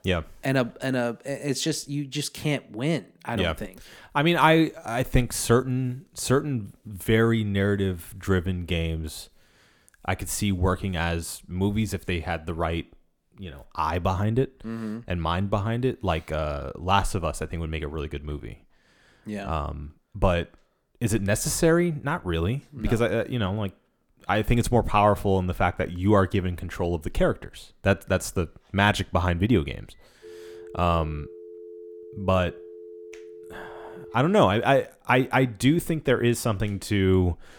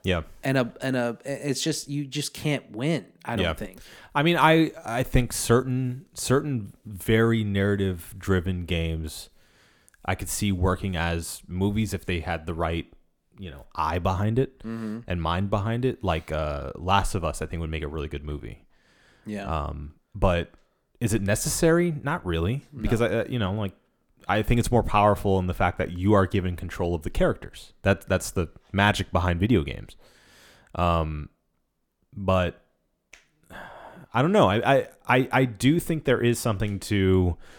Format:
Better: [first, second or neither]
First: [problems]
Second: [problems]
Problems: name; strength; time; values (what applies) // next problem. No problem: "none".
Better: second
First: phone ringing; faint; from 30 to 34 s; peak 15 dB below the speech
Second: none